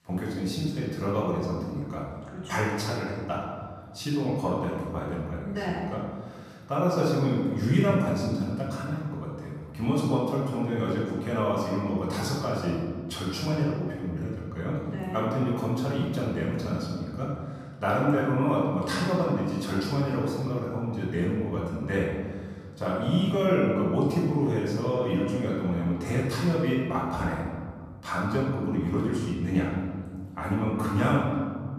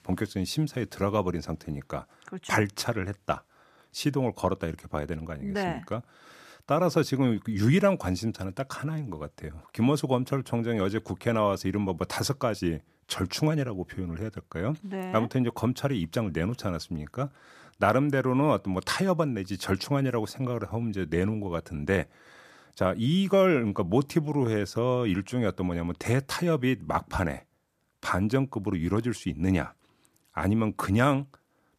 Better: second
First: room echo; noticeable; dies away in 1.6 s // off-mic speech; far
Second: none

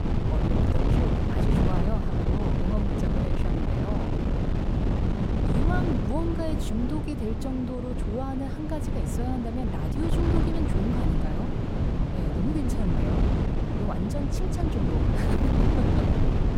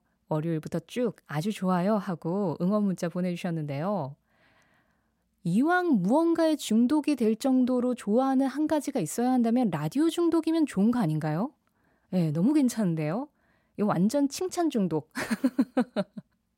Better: second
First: wind noise on the microphone; heavy; 3 dB above the speech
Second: none

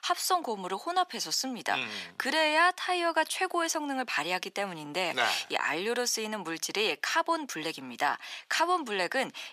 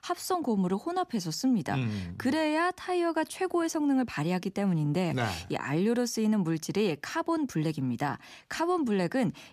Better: second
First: thin; very; fading below 650 Hz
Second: none

